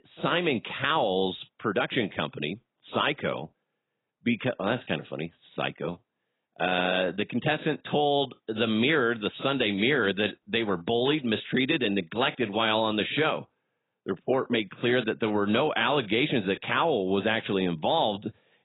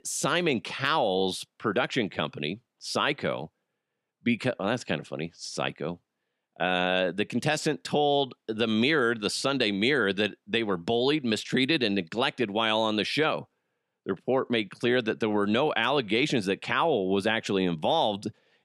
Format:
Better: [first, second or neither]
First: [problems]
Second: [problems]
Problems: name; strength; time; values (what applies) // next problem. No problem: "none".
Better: second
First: garbled, watery; badly; nothing above 4 kHz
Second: none